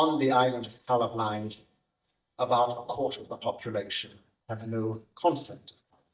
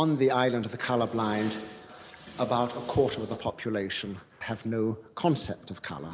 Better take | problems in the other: second | noise reduction (neural mask model DeepFilterNet 3)

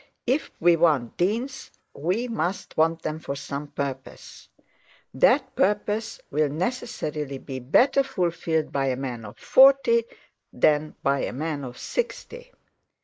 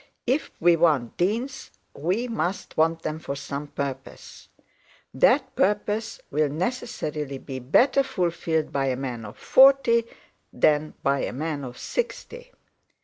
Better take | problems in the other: second | noise reduction (neural mask model Resemble Enhance denoiser)

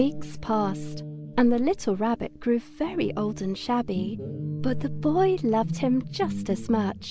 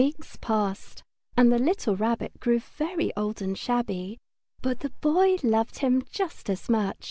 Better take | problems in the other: second | background sound (Guitar); 9 dB below the speech

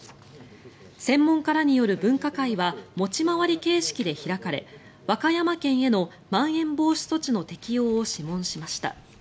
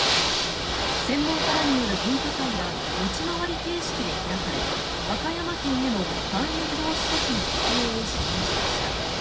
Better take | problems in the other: first | background sound (Ocean / Boat, Water vehicle); 4 dB above the speech // room echo; dies away in 0.4 s

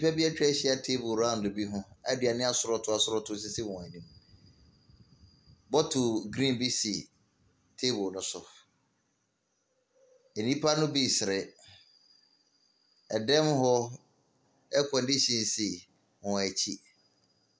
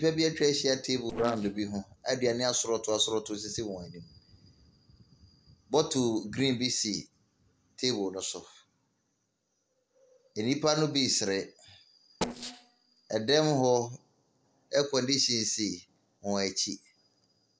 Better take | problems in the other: first | noise reduction (neural separator model SepFormer DNS4)

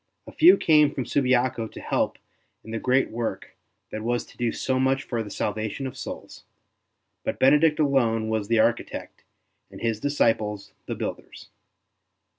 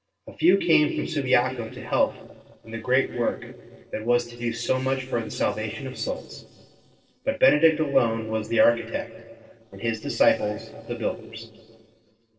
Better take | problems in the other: first | noise reduction (neural separator model SepFormer DNS4)

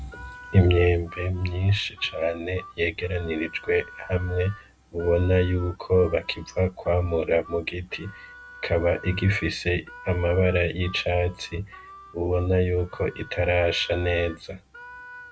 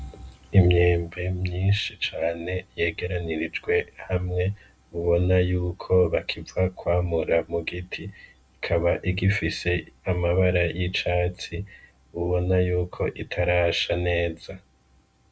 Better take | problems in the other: second | background sound (Harmonica); 20 dB below the speech

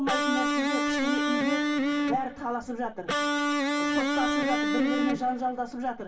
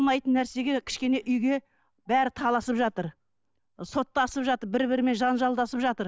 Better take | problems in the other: second | background sound (Electric guitar); 4 dB above the speech // room echo; dies away in 0.2 s

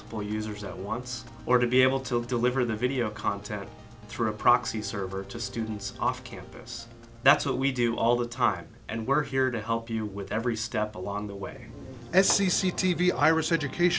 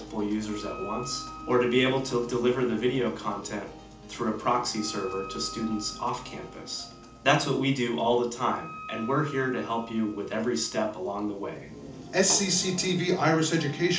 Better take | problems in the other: first | background sound (Wind instrument, woodwind instrument); 17 dB below the speech // room echo; dies away in 0.4 s

